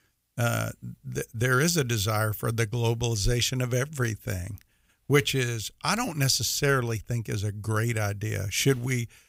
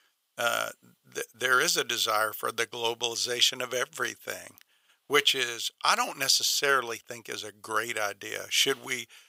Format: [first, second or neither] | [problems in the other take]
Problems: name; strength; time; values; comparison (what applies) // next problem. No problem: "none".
first | thin; very; fading below 550 Hz